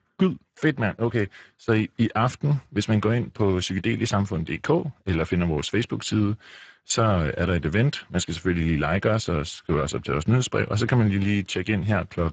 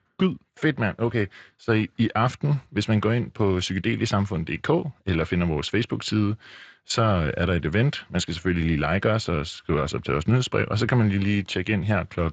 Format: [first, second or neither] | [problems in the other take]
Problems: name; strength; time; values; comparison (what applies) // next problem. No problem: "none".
second | garbled, watery; badly; nothing above 7.5 kHz; slightly in the second